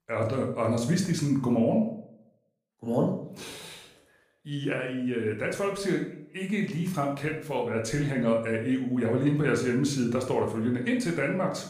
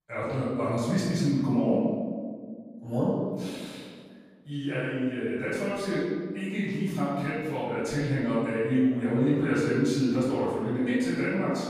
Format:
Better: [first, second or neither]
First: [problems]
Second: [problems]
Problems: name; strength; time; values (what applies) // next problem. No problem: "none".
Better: first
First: room echo; slight; dies away in 0.5 s // off-mic speech; somewhat distant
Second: room echo; strong; dies away in 1.6 s // off-mic speech; far